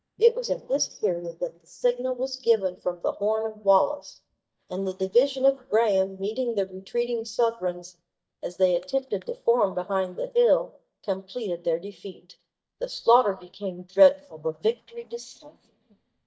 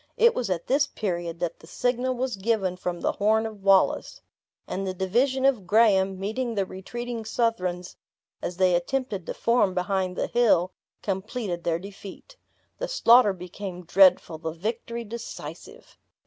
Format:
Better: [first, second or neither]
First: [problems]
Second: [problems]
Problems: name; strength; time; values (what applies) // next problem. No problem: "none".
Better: second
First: noise reduction (neural mask model DeepFilterNet 3)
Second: none